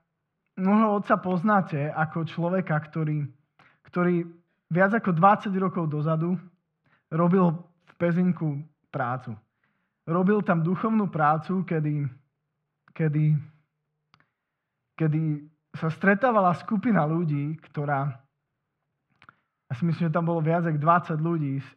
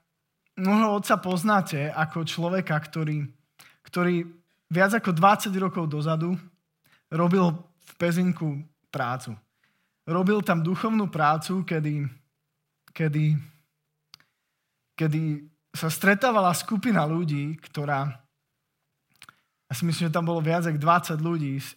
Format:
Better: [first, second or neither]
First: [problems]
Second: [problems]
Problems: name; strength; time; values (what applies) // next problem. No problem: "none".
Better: second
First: muffled; very; fading above 1.5 kHz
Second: none